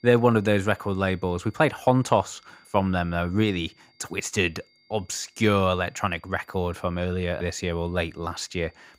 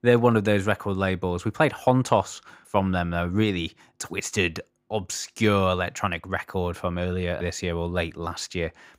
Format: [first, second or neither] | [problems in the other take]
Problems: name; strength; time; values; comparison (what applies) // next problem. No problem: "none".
second | high-pitched whine; faint; throughout; 4.5 kHz, 35 dB below the speech